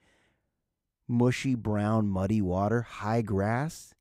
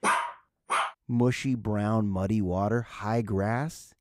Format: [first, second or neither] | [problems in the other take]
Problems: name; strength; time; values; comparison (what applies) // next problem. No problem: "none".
first | dog barking; loud; at the start; peak 2 dB above the speech